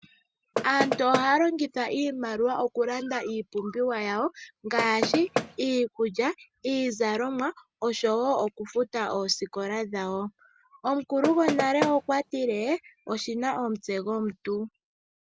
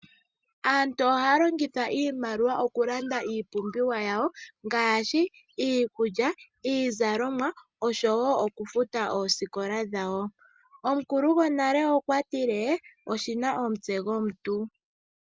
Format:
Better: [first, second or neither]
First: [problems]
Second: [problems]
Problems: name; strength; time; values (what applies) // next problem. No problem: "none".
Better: second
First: background sound (Knock); 3 dB below the speech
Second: none